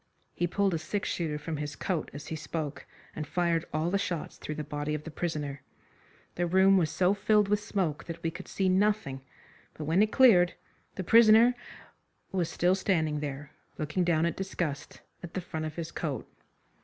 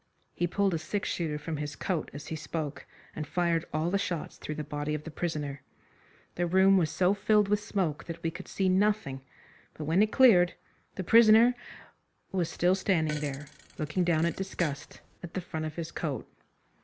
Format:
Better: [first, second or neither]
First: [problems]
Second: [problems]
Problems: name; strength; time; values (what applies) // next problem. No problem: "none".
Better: first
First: none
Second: background sound (Fart); 17 dB below the speech